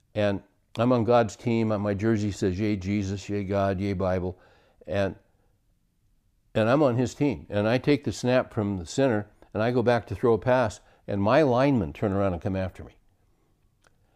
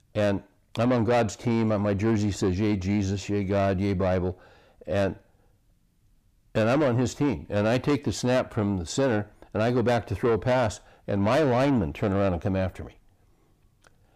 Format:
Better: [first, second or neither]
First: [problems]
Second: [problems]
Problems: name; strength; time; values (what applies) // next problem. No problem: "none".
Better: first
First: none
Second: distortion; slight; 10 dB below the speech